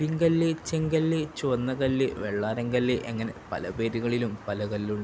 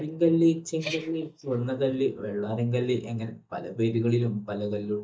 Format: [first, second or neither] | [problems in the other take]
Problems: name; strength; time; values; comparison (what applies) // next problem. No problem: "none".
first | noise reduction (neural mask model DeepFilterNet 3)